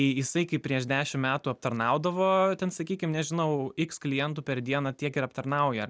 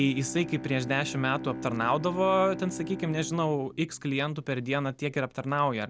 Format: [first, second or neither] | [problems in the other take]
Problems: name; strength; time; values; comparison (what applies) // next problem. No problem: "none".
first | background sound (Bowed string instrument); 12 dB below the speech